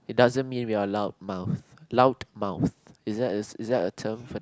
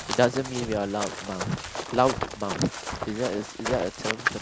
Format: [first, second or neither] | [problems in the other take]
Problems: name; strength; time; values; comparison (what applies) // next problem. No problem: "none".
first | background sound (Run); 5 dB below the speech